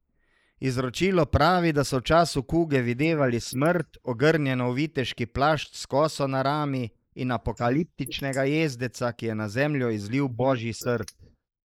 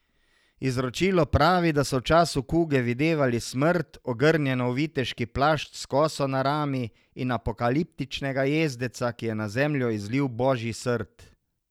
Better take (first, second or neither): second